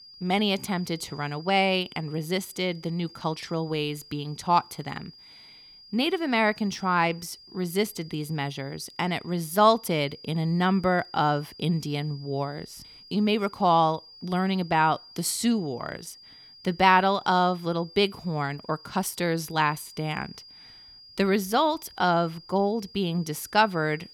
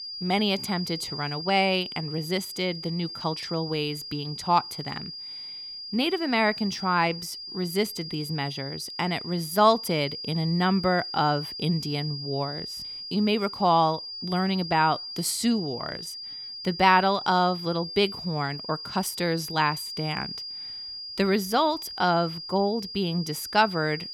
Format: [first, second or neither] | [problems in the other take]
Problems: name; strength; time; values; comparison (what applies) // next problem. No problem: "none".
first | high-pitched whine; loud; throughout; 5 kHz, 8 dB below the speech; faint in the first